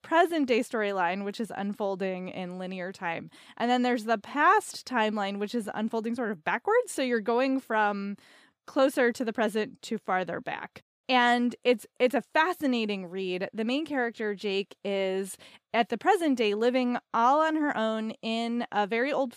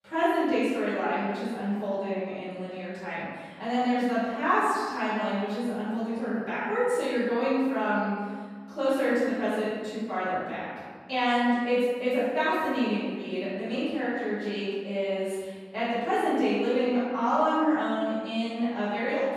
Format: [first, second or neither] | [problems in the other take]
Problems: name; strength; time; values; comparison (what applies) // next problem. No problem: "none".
first | room echo; strong; dies away in 1.6 s // off-mic speech; far